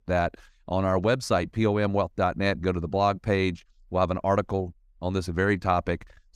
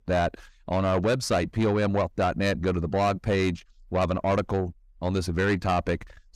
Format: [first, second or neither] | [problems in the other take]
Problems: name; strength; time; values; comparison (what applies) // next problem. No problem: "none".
first | distortion; slight; 10 dB below the speech